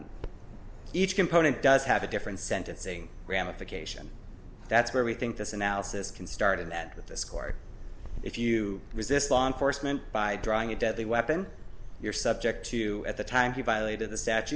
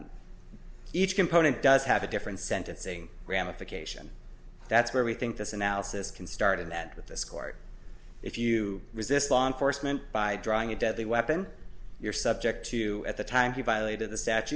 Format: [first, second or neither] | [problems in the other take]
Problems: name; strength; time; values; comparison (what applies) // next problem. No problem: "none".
second | background sound (Bird vocalization, bird call, bird song); 14 dB below the speech